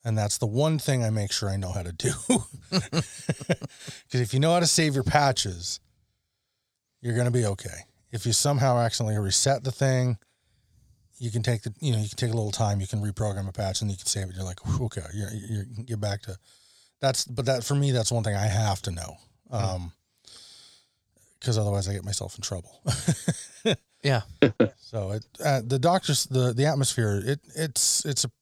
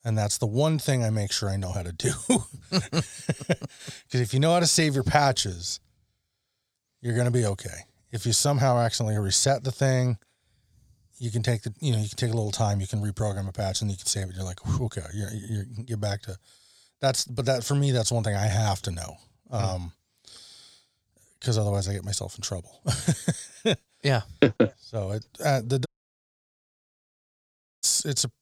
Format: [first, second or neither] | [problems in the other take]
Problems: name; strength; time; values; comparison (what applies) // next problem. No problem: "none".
first | audio cutting out; at 26 s for 2 s